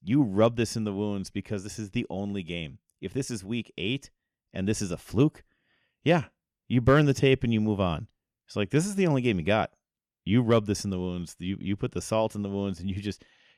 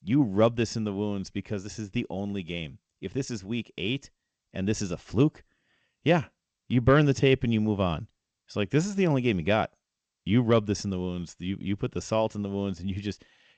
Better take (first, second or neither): first